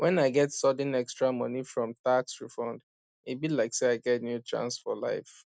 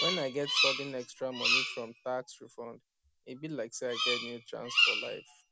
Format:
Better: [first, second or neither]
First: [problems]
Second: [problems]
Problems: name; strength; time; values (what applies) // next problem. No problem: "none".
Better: first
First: none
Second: background sound (Bird vocalization, bird call, bird song); 5 dB above the speech